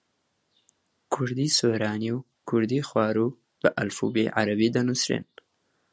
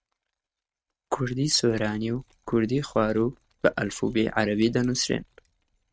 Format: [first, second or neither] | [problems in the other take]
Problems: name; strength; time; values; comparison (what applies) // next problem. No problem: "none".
first | noise reduction (neural mask model RNNoise)